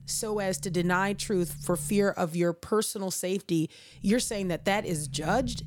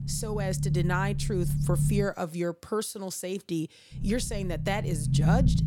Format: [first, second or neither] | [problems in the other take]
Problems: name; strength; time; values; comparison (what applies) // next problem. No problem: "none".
first | low rumble; loud; until 2 s and from 4 s on; 7 dB below the speech; faint in the first